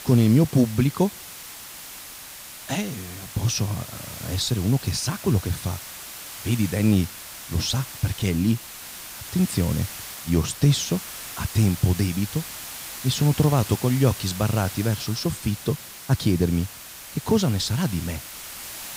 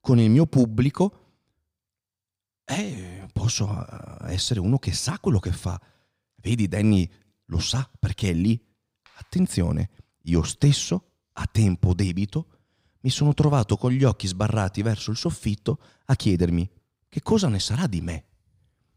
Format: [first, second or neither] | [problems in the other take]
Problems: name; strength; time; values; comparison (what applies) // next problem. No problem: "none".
second | hiss; noticeable; throughout; 10 dB below the speech